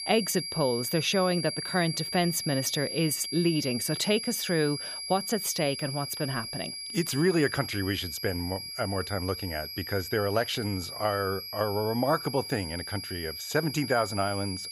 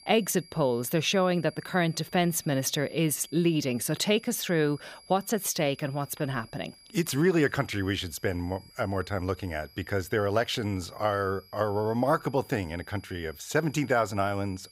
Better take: second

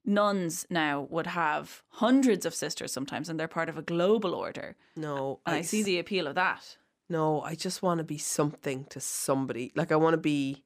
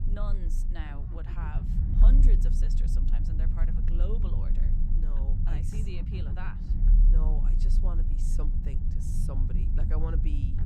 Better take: first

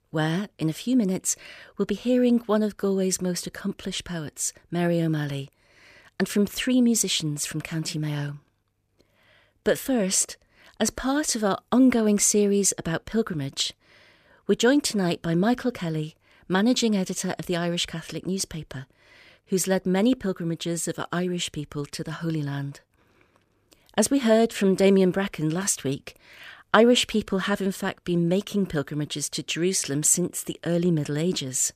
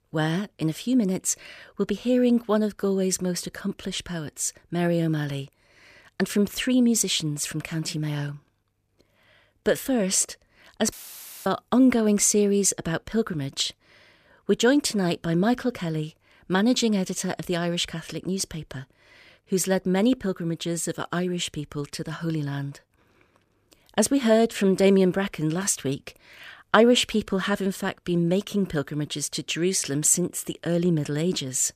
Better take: first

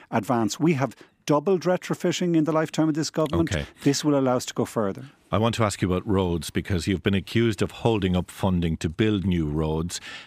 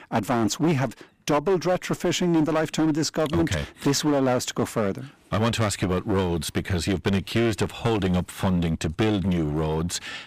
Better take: first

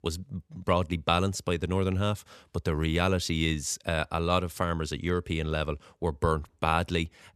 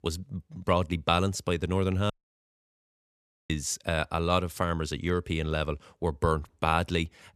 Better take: first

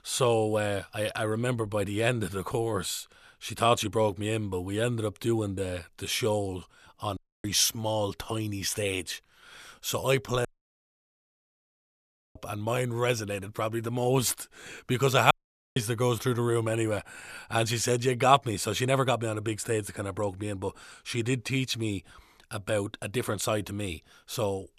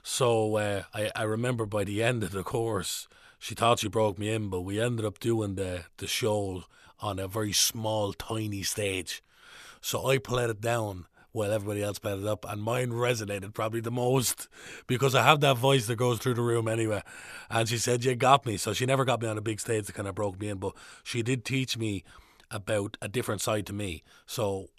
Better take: second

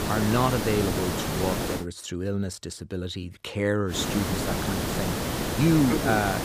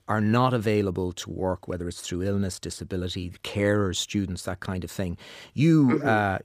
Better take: second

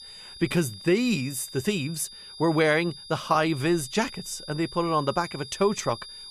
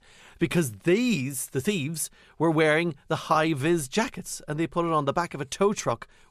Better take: second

